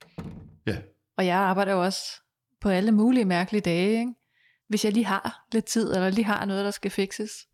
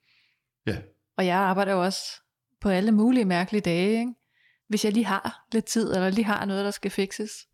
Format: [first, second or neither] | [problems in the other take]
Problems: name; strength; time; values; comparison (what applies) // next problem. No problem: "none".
second | door banging; faint; at the start; peak 15 dB below the speech